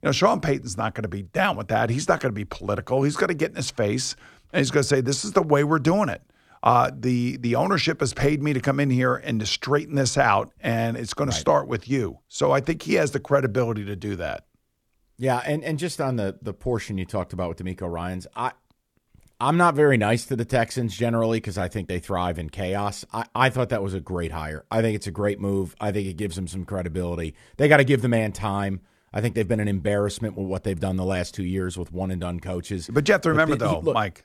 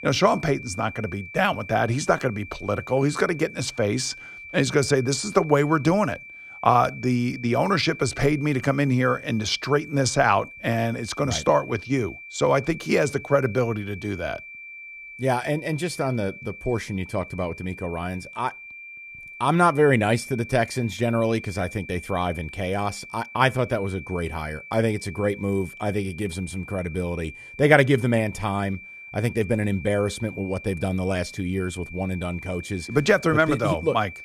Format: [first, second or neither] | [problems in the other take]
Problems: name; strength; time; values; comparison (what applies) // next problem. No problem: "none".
first | high-pitched whine; noticeable; throughout; 2.5 kHz, 15 dB below the speech